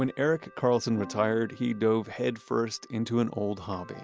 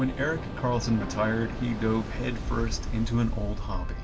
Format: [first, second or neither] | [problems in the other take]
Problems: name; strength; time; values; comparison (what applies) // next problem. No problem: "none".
first | background sound (Waves, surf); 3 dB below the speech // room echo; dies away in 0.2 s